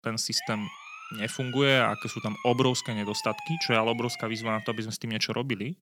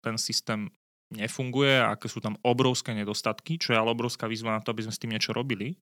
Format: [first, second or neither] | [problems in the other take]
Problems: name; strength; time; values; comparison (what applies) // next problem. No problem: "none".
second | siren; noticeable; until 5 s; peak 10 dB below the speech